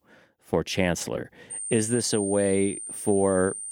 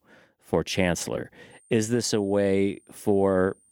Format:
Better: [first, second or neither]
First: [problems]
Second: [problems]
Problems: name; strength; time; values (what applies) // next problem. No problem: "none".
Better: second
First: high-pitched whine; loud; from 1.5 s on; 9 kHz, 6 dB below the speech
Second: high-pitched whine; faint; from 1.5 s on; 9 kHz, 30 dB below the speech